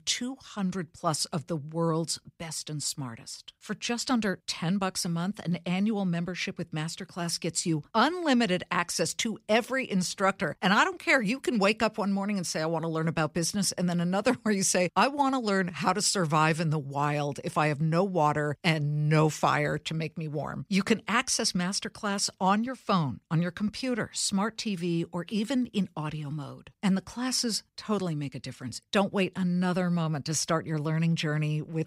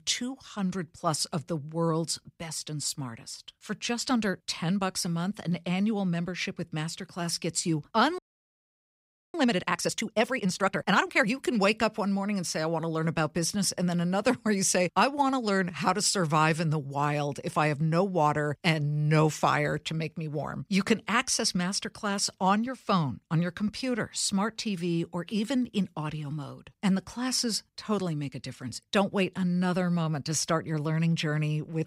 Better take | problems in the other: first | audio freezing; at 8 s for 1 s

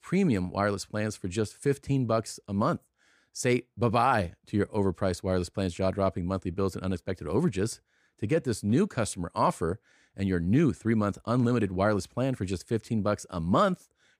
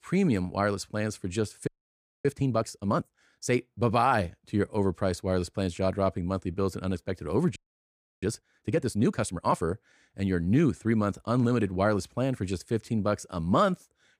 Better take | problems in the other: first | audio freezing; at 1.5 s for 0.5 s and at 7.5 s for 0.5 s

